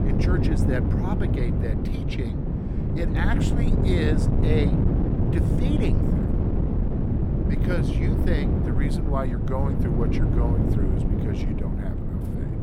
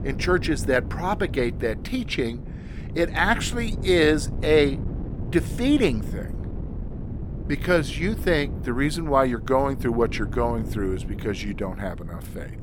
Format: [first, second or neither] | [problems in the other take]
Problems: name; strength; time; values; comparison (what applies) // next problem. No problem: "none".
second | wind noise on the microphone; heavy; 2 dB above the speech; occasional gusts in the second